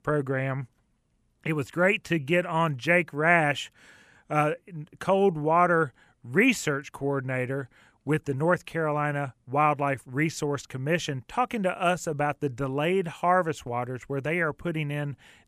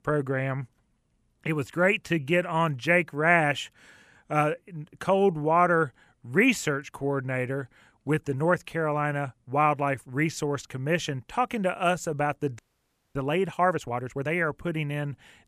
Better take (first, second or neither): first